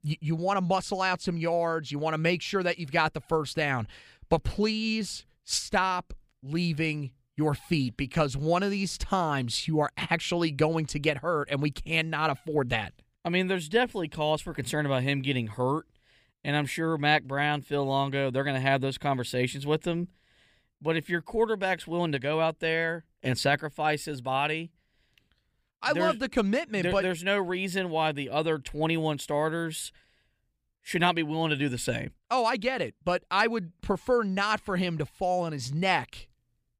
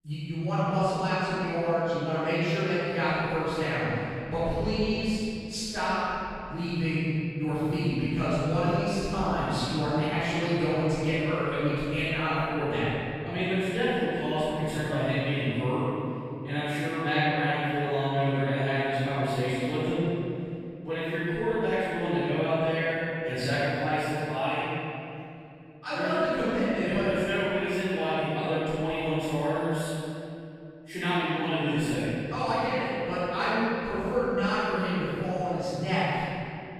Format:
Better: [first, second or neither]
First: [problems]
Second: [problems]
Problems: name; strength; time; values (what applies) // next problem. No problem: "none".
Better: first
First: none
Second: off-mic speech; far // room echo; strong; dies away in 2.7 s